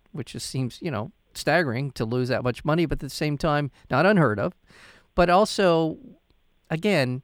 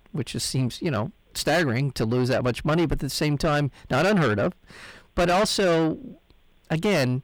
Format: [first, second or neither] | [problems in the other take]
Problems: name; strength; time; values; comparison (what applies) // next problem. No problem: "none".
first | distortion; heavy; 6 dB below the speech